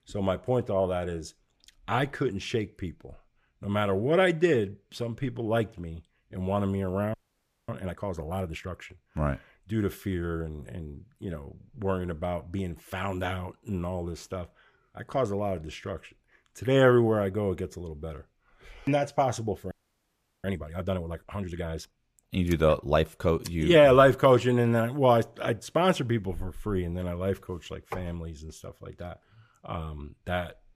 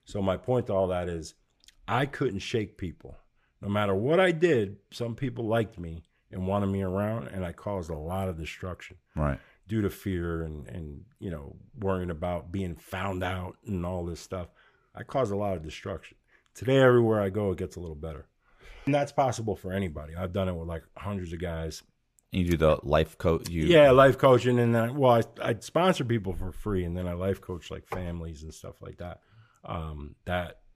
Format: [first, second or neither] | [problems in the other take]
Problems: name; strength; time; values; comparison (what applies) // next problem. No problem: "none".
second | audio freezing; at 7 s for 0.5 s and at 20 s for 0.5 s